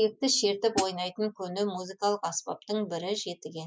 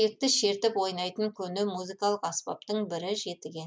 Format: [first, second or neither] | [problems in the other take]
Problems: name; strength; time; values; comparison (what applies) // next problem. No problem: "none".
second | noise reduction (classical method Wiener filter)